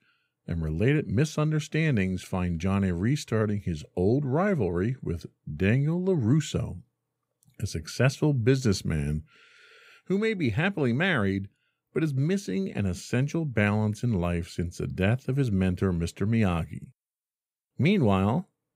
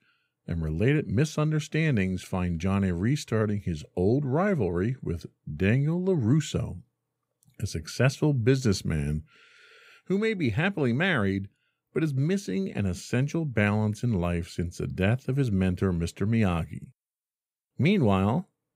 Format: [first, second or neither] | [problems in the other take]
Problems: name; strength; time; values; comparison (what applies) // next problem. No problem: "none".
neither | none